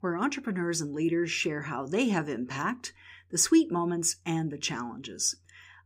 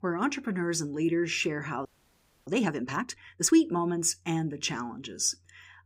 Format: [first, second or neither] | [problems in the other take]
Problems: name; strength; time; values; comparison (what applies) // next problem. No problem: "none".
first | audio freezing; at 2 s for 0.5 s